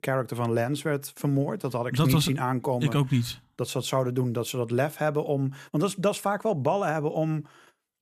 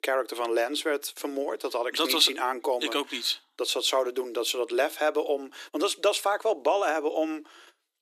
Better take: first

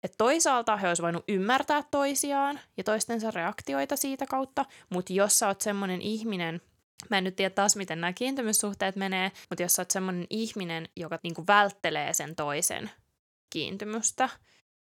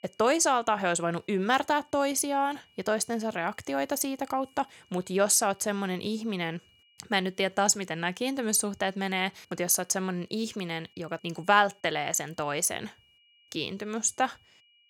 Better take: first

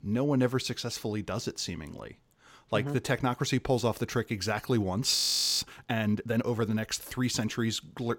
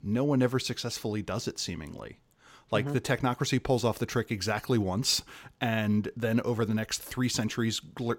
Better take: second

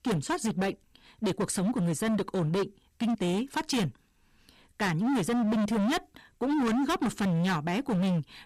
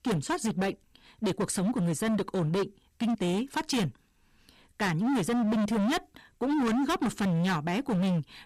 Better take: neither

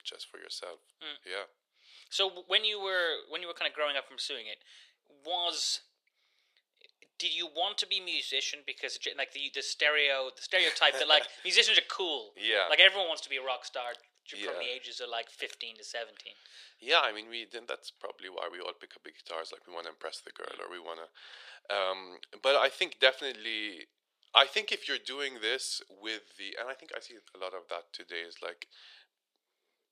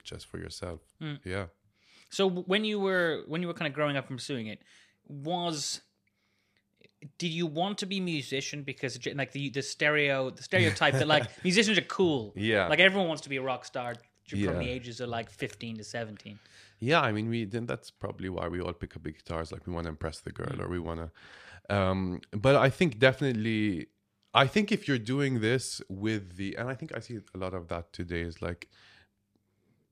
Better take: second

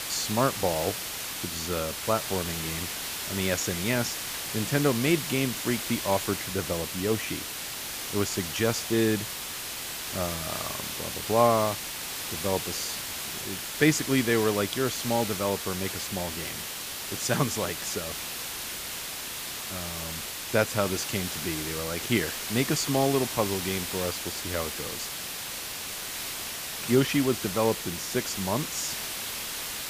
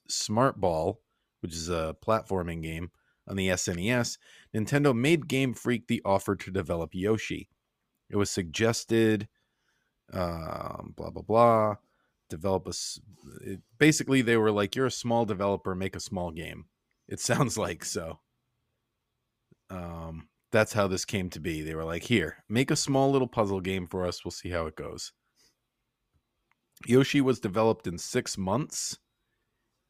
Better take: second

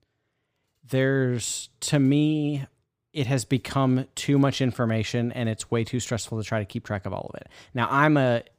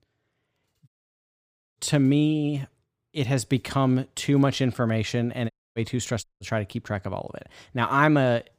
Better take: first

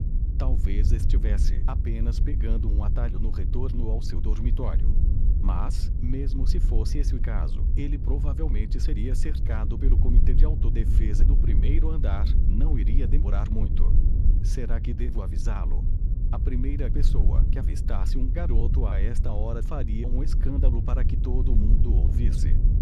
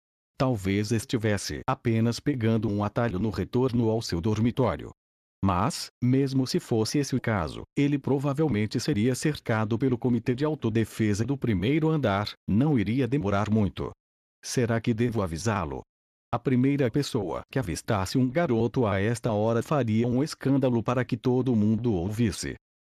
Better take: second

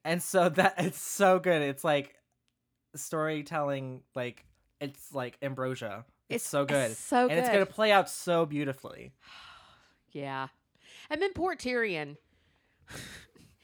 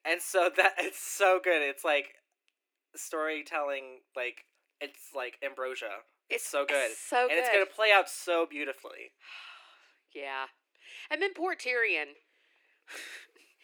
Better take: first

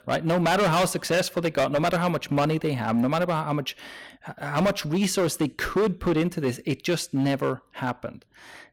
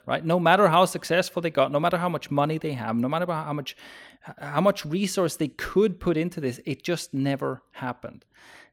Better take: second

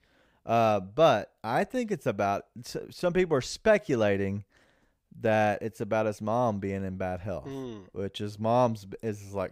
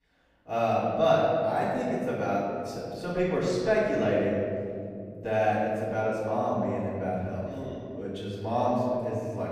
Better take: first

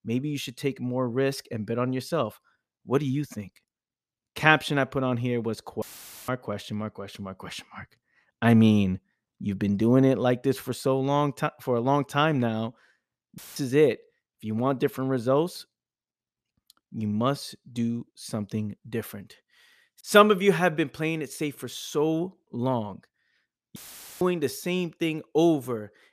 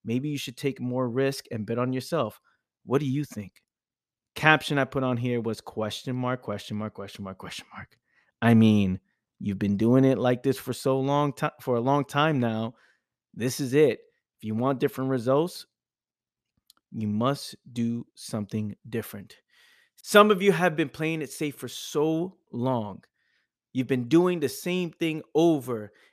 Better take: second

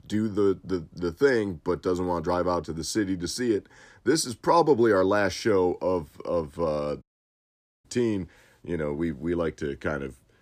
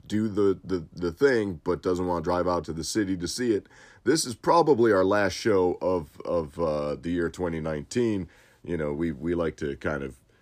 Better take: second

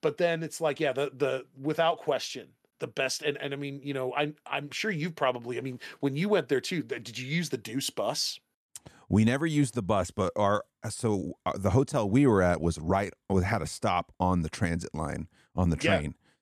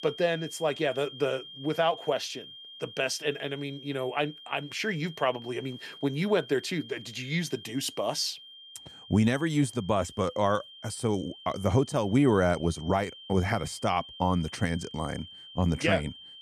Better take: first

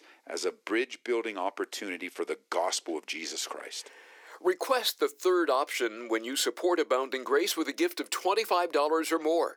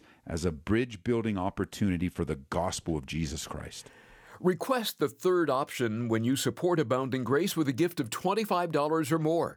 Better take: second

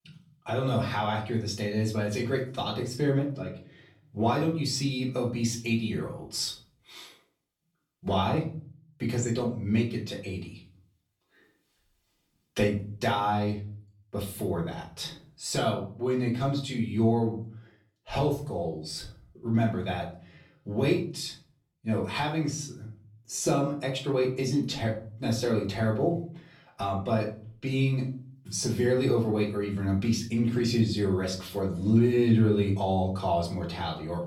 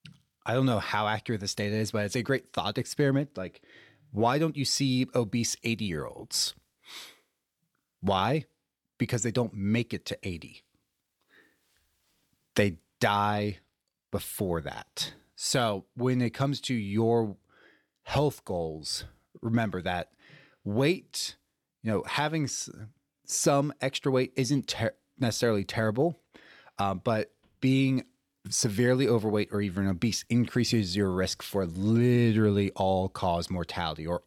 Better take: second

